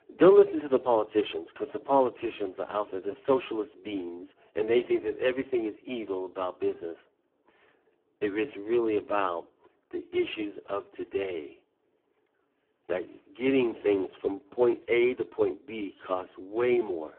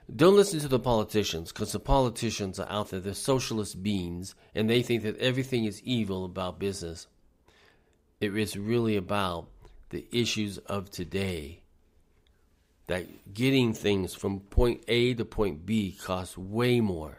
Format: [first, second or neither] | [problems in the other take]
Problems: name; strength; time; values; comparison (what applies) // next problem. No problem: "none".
second | phone-call audio; poor line